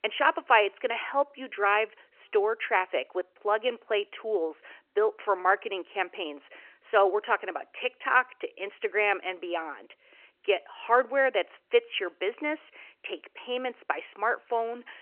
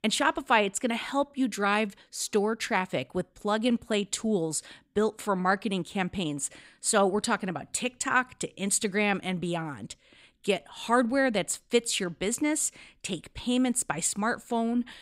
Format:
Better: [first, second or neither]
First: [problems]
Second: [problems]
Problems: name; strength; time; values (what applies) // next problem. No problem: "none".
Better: second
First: phone-call audio; nothing above 3 kHz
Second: none